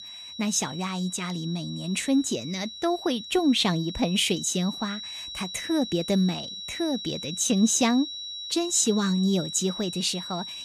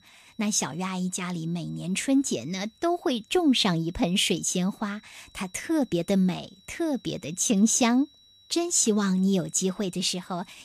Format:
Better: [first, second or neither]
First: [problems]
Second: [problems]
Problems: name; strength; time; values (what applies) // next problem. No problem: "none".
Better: second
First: high-pitched whine; loud; throughout; 4 kHz, 9 dB below the speech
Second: high-pitched whine; faint; throughout; 4 kHz, 30 dB below the speech